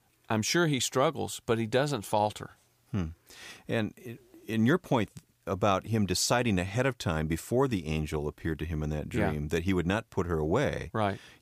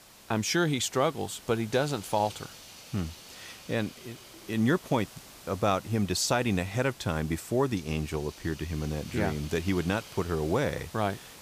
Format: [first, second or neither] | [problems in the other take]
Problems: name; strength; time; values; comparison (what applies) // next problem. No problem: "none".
first | hiss; noticeable; throughout; 15 dB below the speech